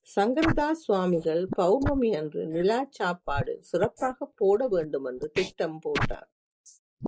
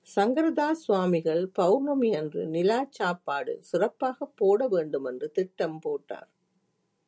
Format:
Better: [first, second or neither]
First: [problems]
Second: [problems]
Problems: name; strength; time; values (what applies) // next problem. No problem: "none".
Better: second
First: noise reduction (neural mask model Resemble Enhance denoiser)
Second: none